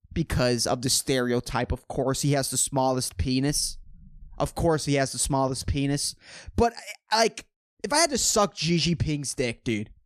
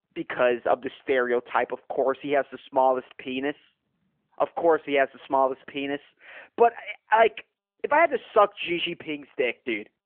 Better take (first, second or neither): first